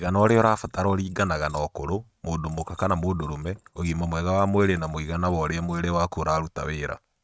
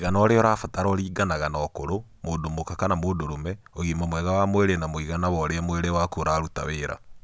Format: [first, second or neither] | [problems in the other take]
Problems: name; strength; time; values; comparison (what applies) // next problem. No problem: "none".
second | noise reduction (neural mask model RNNoise)